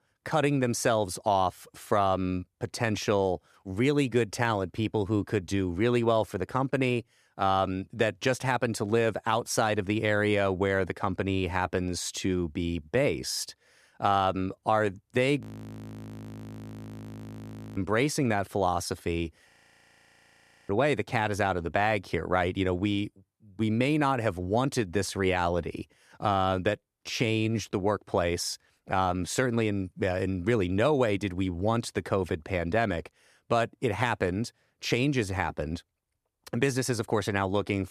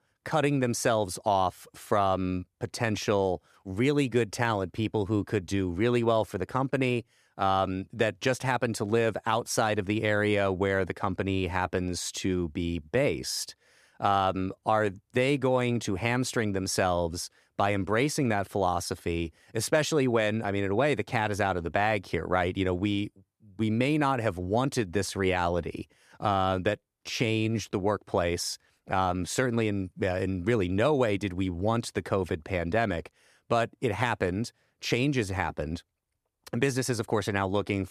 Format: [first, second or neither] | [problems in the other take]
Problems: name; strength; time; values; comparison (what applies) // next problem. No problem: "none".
second | audio freezing; at 15 s for 2.5 s and at 19 s for 1 s